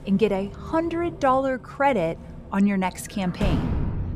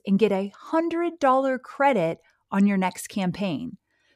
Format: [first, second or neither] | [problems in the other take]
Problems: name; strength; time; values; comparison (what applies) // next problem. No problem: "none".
second | traffic noise; loud; throughout; 9 dB below the speech